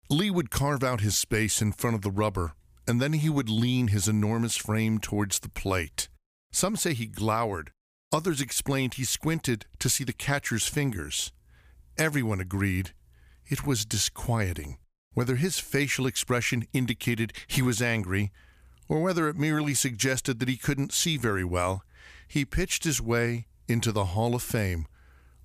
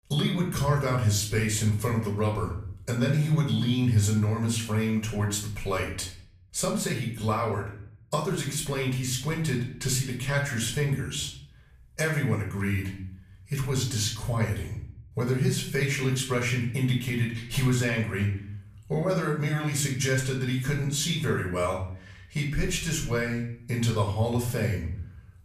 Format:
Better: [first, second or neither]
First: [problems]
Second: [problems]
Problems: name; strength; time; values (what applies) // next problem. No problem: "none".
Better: first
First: none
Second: off-mic speech; far // room echo; slight; dies away in 0.6 s